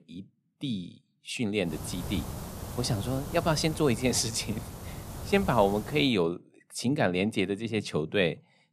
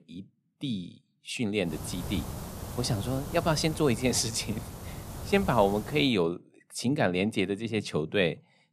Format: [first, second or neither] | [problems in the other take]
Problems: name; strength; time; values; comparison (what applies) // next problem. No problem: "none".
neither | hiss; noticeable; from 1.5 to 6 s; 10 dB below the speech; the same in both